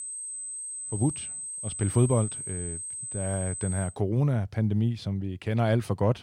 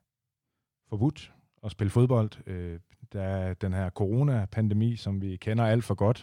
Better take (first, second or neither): second